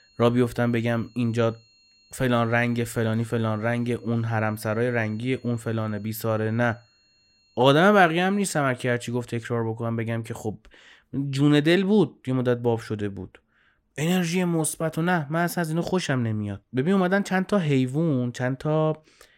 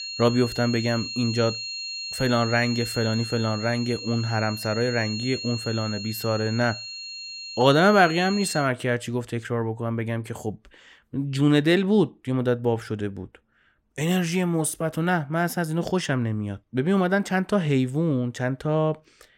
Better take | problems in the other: first | high-pitched whine; loud; until 8.5 s; 4.5 kHz, 8 dB below the speech; faint in the first

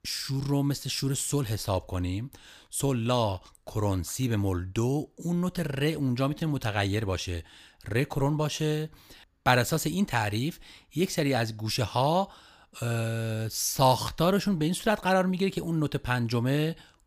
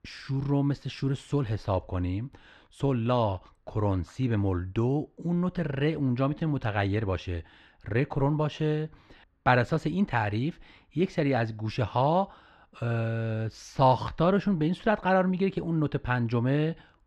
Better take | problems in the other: first | muffled; very; fading above 2.5 kHz

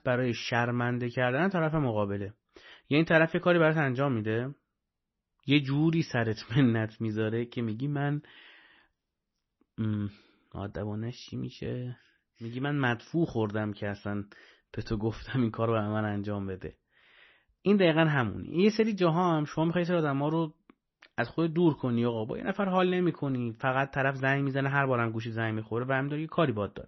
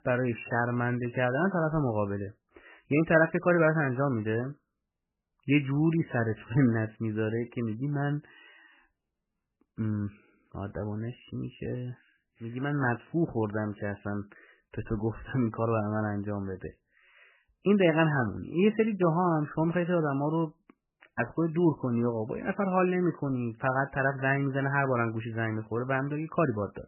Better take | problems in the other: first | garbled, watery; badly; nothing above 3 kHz; slightly in the first

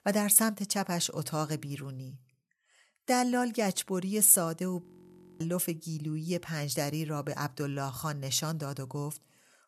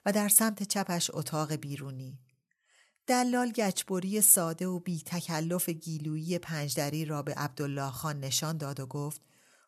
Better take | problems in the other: second | audio freezing; at 5 s for 0.5 s

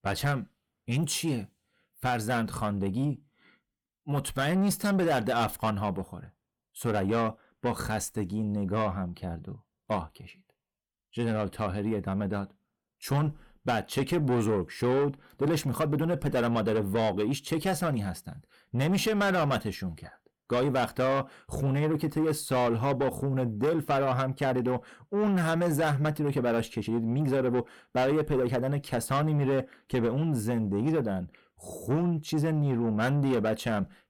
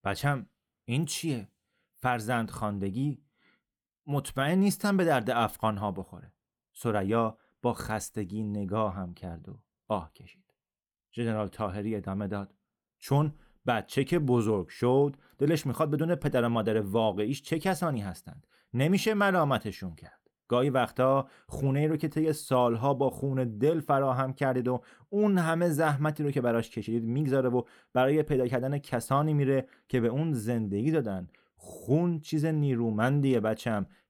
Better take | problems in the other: second | distortion; slight; 10 dB below the speech

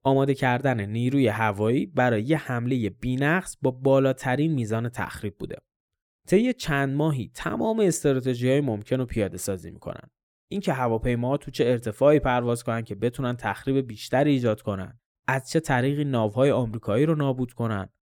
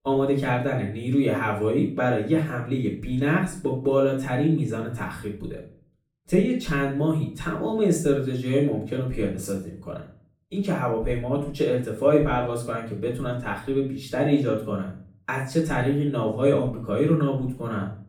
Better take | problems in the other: first | off-mic speech; far // room echo; slight; dies away in 0.4 s

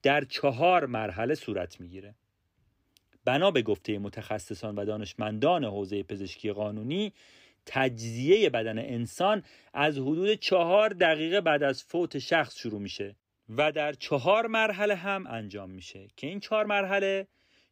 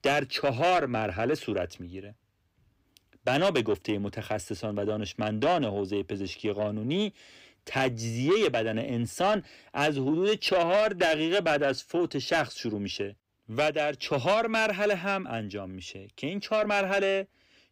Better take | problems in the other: first | distortion; slight; 10 dB below the speech

